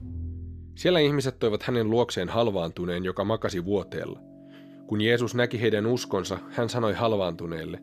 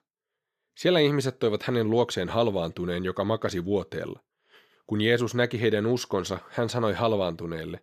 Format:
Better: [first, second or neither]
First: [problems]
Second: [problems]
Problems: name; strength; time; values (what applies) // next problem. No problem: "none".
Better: second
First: background music; noticeable; throughout; 20 dB below the speech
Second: none